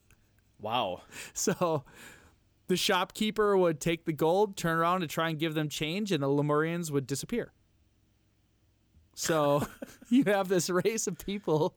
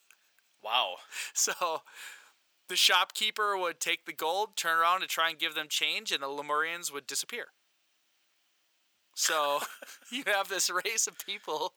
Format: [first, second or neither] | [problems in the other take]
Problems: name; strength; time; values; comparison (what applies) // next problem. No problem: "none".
first | thin; very; fading below 950 Hz